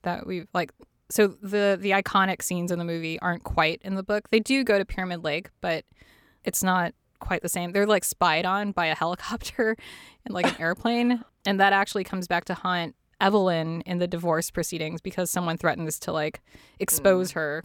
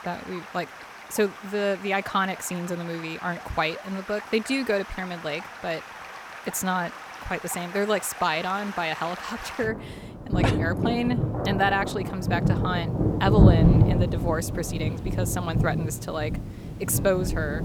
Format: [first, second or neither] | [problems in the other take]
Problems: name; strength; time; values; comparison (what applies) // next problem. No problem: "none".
first | rain or running water; very loud; throughout; 2 dB above the speech